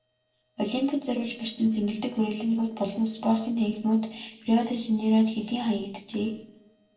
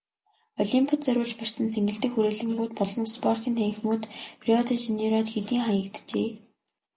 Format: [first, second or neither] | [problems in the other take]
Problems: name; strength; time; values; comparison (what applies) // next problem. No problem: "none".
second | noise reduction (neural separator model SepFormer DNS4)